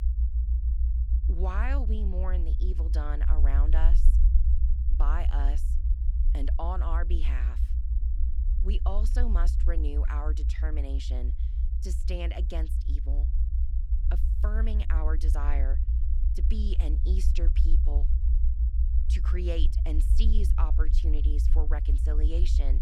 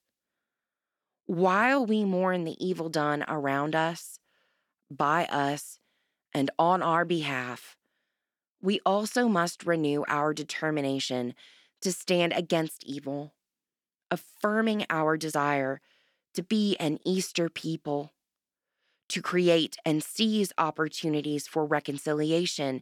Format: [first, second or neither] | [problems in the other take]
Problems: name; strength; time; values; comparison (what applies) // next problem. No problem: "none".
second | low rumble; loud; throughout; 7 dB below the speech